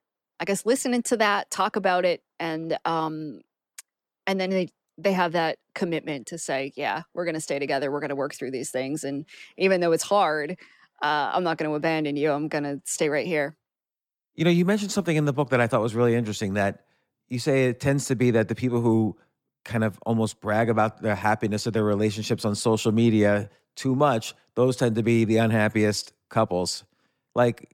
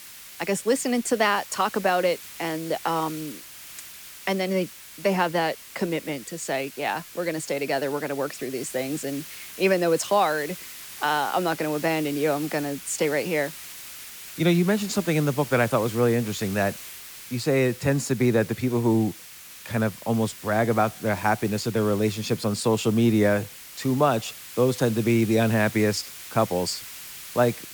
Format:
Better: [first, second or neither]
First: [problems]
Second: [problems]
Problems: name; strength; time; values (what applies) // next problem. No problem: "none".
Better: first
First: none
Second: hiss; noticeable; throughout; 15 dB below the speech